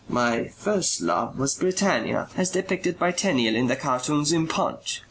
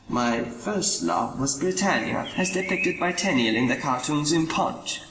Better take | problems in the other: first | background sound (Bird); 11 dB below the speech // room echo; dies away in 2.7 s

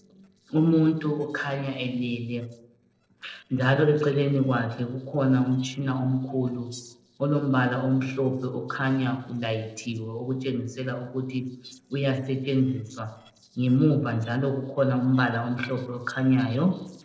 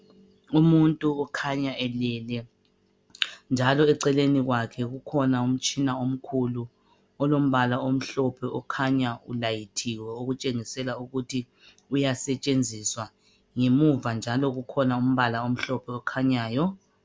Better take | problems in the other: second | noise reduction (neural separator model SepFormer DNS4)

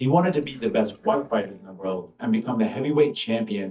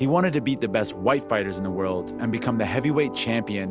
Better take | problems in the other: second | noise reduction (neural mask model DeepFilterNet 3)

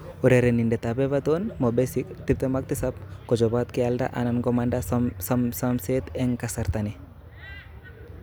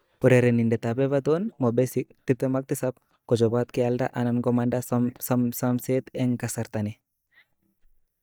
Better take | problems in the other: first | noise reduction (neural mask model DeepFilterNet 3)

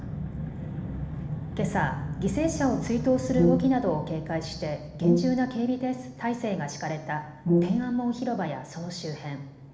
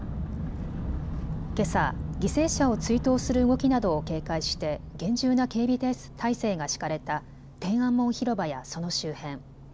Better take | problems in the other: second | background sound (Brass instrument); 3 dB above the speech // room echo; dies away in 1.1 s

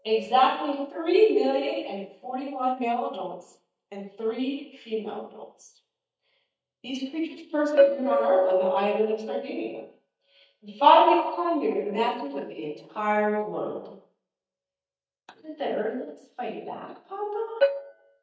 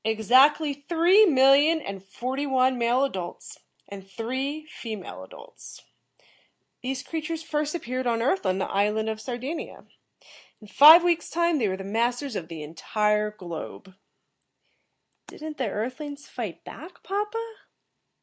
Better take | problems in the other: second | noise reduction (neural mask model DeepFilterNet 3)

